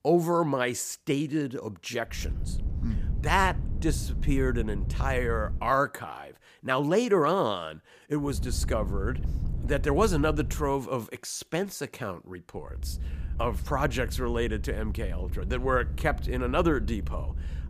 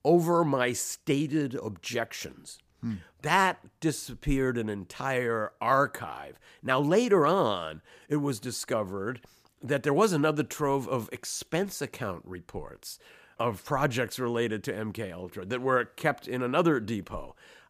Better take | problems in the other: second | low rumble; noticeable; from 2 to 5.5 s, from 8.5 to 11 s and from 13 s on; 20 dB below the speech

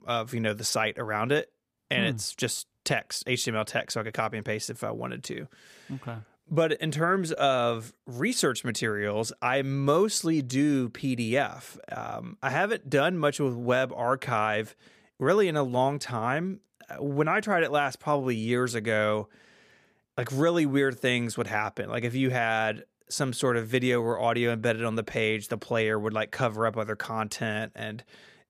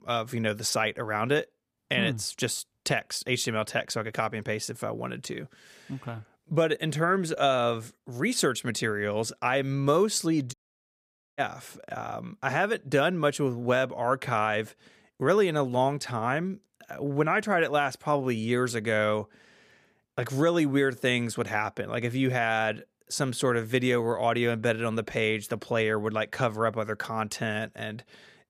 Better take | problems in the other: first | audio cutting out; at 11 s for 1 s

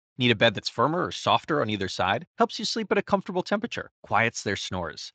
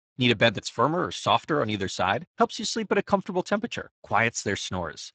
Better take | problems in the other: first | garbled, watery; badly; nothing above 7.5 kHz; slightly in the first

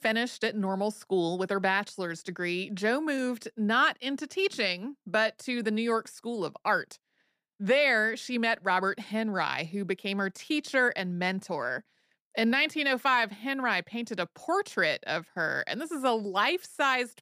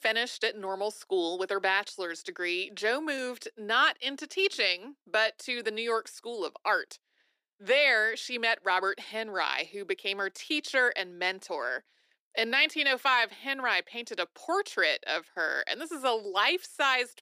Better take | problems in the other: first | thin; somewhat; fading below 350 Hz

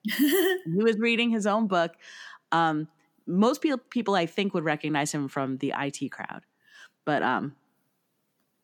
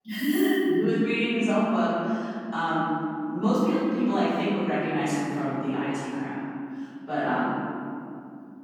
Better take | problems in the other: first | off-mic speech; far // room echo; strong; dies away in 2.8 s

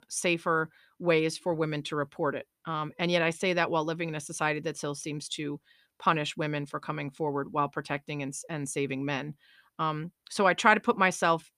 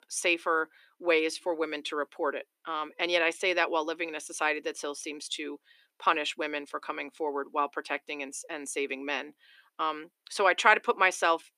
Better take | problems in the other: first | thin; somewhat; fading below 300 Hz

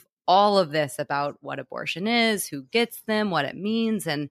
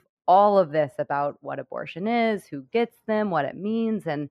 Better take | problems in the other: first | muffled; very; fading above 3 kHz

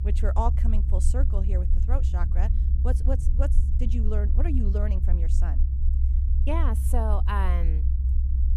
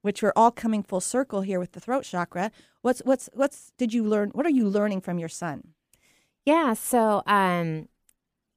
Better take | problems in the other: second | low rumble; loud; throughout; 8 dB below the speech

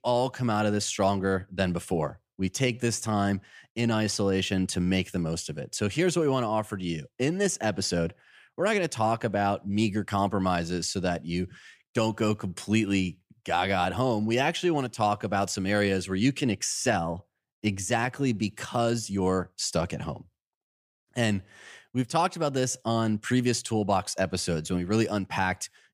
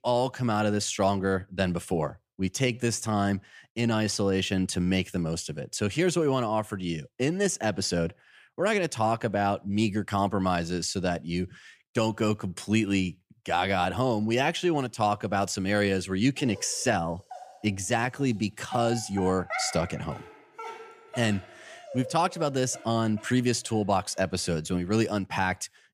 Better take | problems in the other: first | dog barking; noticeable; from 16 to 23 s; peak 5 dB below the speech

